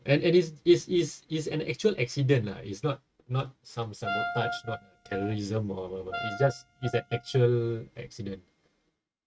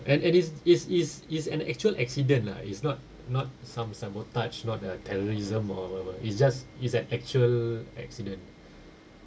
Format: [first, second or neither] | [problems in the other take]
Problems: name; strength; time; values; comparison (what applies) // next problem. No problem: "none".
second | noise reduction (neural mask model RNNoise)